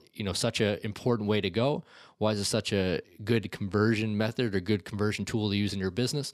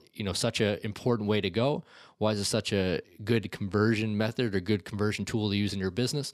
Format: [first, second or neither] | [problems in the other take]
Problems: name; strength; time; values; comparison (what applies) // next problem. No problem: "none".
neither | none